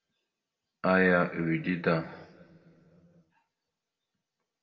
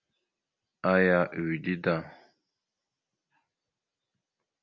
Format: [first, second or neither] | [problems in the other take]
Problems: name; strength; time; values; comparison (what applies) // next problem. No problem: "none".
second | room echo; dies away in 1.7 s